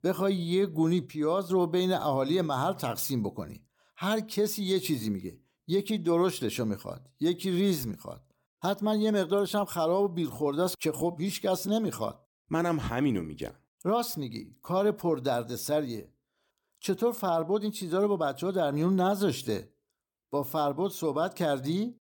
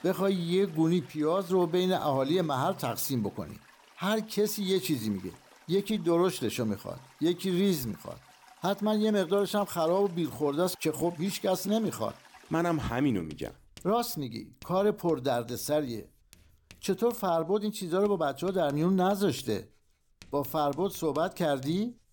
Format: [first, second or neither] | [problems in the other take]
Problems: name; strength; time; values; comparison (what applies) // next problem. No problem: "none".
first | household noises; faint; throughout; 25 dB below the speech